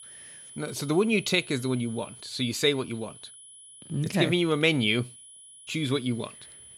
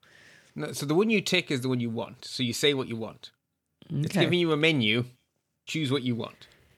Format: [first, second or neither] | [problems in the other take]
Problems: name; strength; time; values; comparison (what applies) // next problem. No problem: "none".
second | high-pitched whine; noticeable; throughout; 10 kHz, 20 dB below the speech